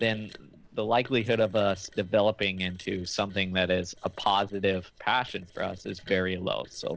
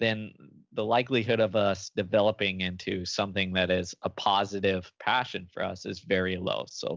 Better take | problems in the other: second | noise reduction (neural separator model SepFormer DNS4)

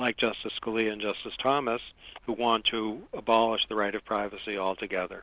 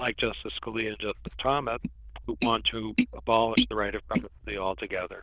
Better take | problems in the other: first | noise reduction (neural diffusion model UNIVERSE++)

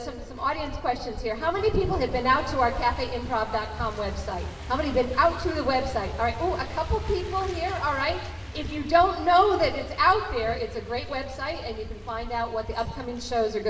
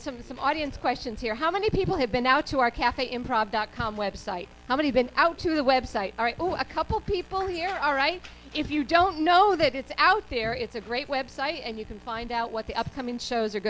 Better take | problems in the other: second | background sound (Truck); 13 dB below the speech // room echo; dies away in 1.2 s

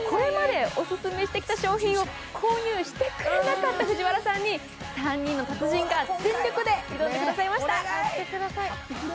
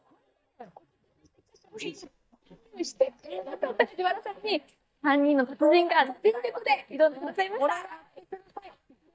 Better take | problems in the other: first | noise reduction (neural mask model DeepFilterNet 3)

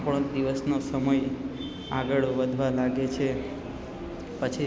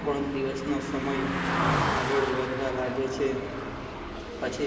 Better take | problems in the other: first | background sound (Car passing by); 2 dB below the speech // room echo; dies away in 1.9 s

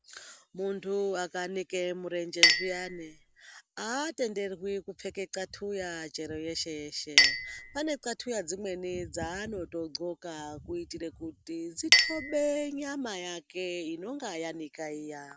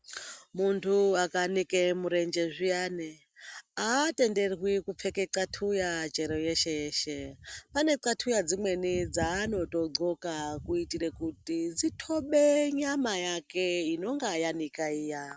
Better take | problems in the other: second | background sound (Chink, clink); 1 dB above the speech

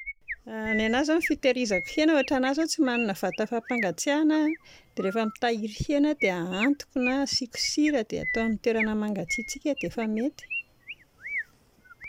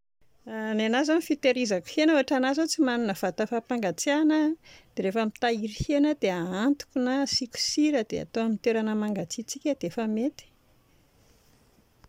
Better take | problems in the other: second | background sound (Chirp, tweet); 10 dB below the speech

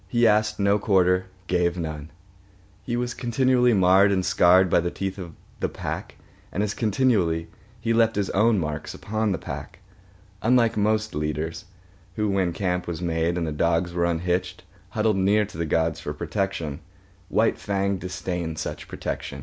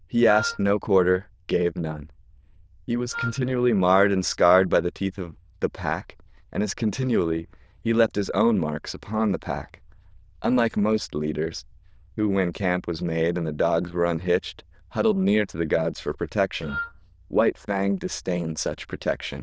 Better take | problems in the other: first | noise reduction (neural diffusion model UNIVERSE++)

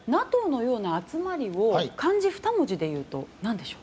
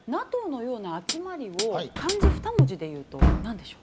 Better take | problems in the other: first | background sound (Hi-hat + Wood); 5 dB above the speech

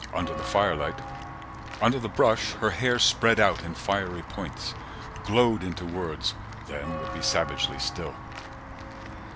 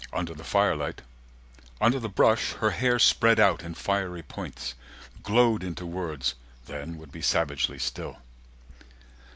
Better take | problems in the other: second | background sound (Walk, footsteps / Bell); 10 dB below the speech

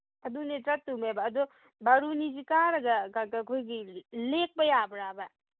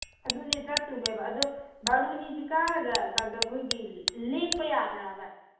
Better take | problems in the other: first | background sound (Tick); 4 dB below the speech // room echo; dies away in 0.8 s

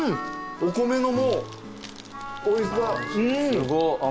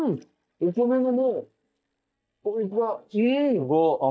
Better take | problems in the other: first | noise reduction (neural mask model DeepFilterNet 3)

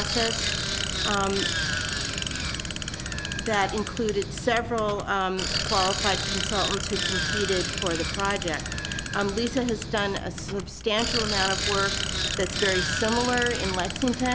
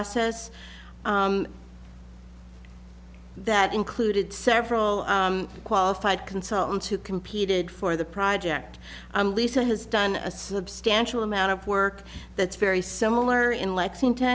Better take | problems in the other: second | background sound (Bicycle); 1 dB below the speech

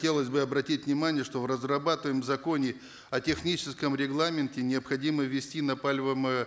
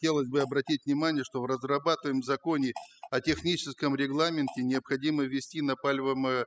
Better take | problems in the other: first | noise reduction (classical method spectral subtraction)

